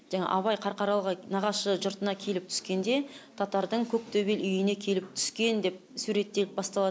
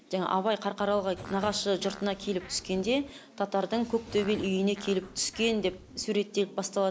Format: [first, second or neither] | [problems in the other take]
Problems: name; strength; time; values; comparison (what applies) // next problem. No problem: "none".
first | background sound (Fart); 18 dB below the speech